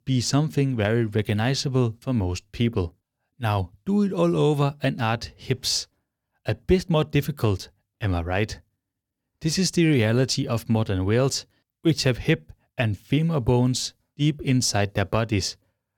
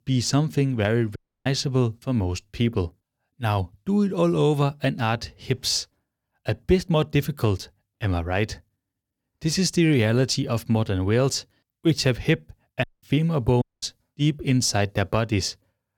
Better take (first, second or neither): first